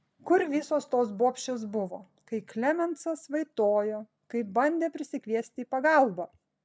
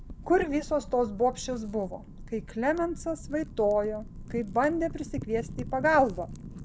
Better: first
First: none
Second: background sound (Wind / Fire); 12 dB below the speech

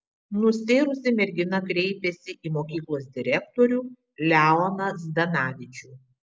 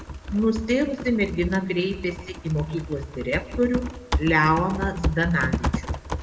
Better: first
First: none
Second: background sound (Typing); 6 dB below the speech // room echo; dies away in 1 s

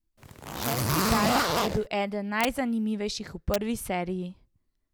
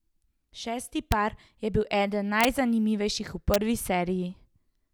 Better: second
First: background sound (Zipper (clothing)); 4 dB above the speech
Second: none

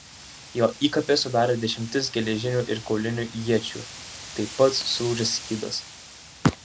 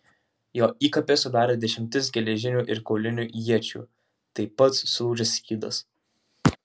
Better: second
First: background sound (Wind); 15 dB below the speech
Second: none

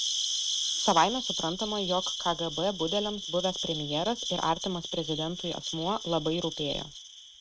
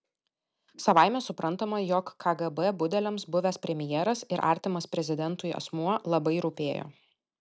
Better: second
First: noise reduction (neural mask model RNNoise)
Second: none

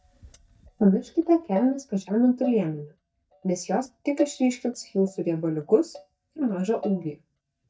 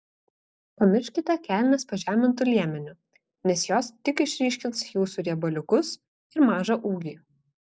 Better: second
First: noise reduction (neural mask model DeepFilterNet 3)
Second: none

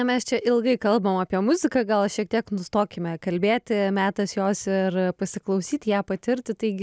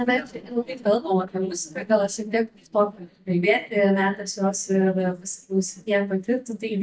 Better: first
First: none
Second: noise reduction (neural mask model DeepFilterNet 3)

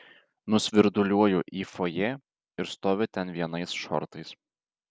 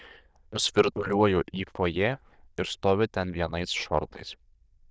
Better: first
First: none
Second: noise reduction (neural diffusion model UNIVERSE++)

